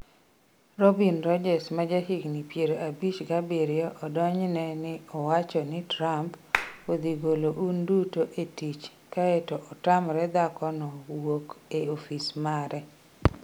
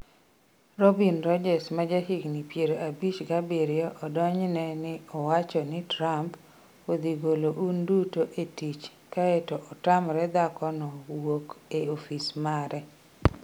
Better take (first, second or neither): second